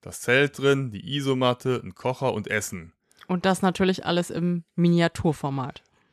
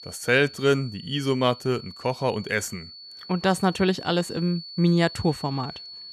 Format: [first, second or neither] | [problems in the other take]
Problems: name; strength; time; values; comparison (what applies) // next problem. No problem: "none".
first | high-pitched whine; noticeable; throughout; 4.5 kHz, 15 dB below the speech